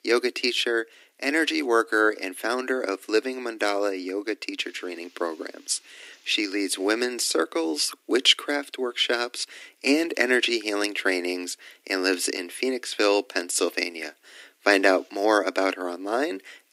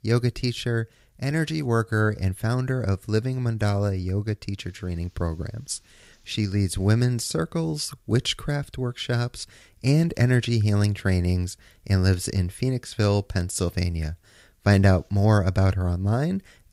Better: second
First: thin; very; fading below 250 Hz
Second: none

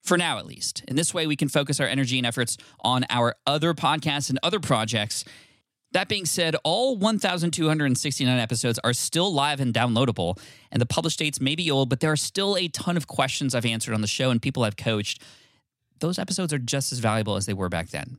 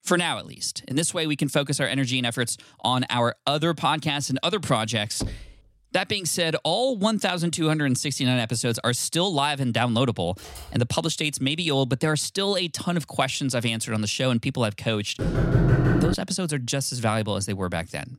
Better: first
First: none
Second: door banging; faint; at 5 s; peak 10 dB below the speech // keyboard typing; faint; at 10 s; peak 15 dB below the speech // door banging; loud; at 15 s; peak 5 dB above the speech

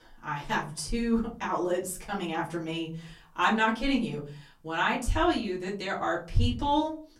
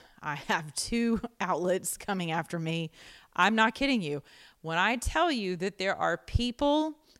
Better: second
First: off-mic speech; far // room echo; very slight; dies away in 0.4 s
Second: none

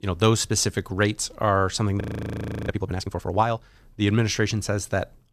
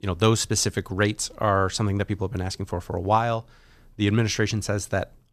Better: second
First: audio freezing; at 2 s for 0.5 s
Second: none

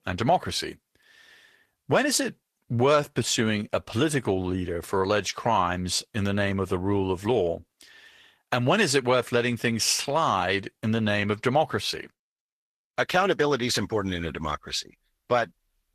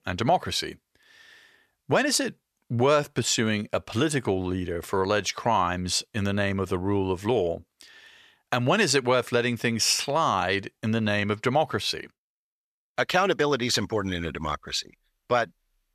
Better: second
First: garbled, watery; slightly; nothing above 14 kHz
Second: none

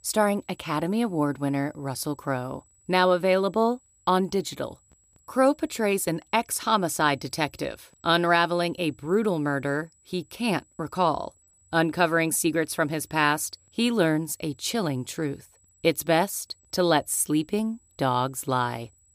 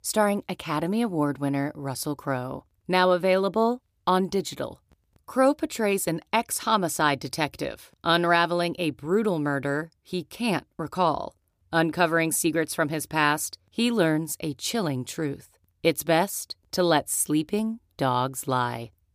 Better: second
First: high-pitched whine; faint; throughout; 8 kHz, 35 dB below the speech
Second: none

